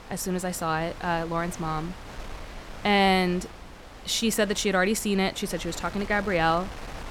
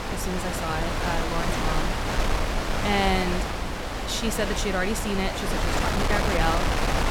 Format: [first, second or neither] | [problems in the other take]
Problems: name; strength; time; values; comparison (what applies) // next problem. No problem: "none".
first | wind noise on the microphone; heavy; 1 dB above the speech; occasional gusts in the first